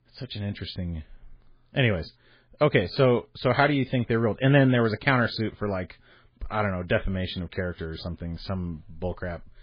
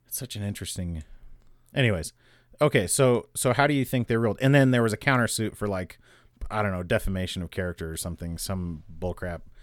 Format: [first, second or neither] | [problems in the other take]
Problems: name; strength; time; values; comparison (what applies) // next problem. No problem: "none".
second | garbled, watery; badly; nothing above 4.5 kHz